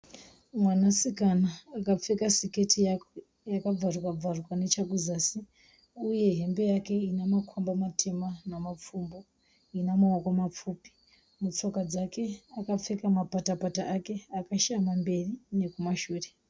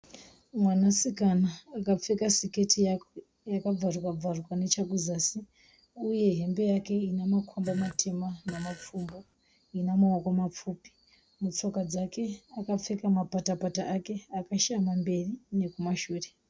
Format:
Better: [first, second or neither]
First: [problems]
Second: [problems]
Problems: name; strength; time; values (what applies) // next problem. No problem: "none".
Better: first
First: none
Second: background sound (Fart); 17 dB below the speech